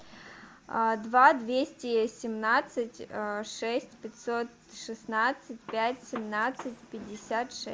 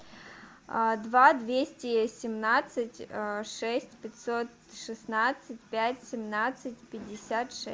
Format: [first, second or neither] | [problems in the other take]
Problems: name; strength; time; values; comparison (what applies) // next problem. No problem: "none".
second | background sound (Gunshot, gunfire); 17 dB below the speech